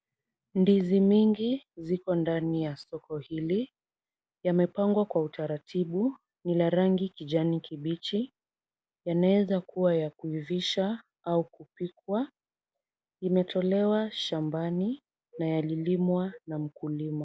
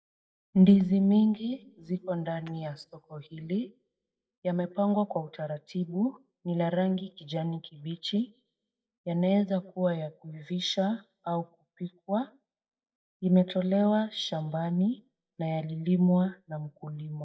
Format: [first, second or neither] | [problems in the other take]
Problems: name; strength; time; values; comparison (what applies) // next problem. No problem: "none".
first | noise reduction (neural mask model DeepFilterNet 3)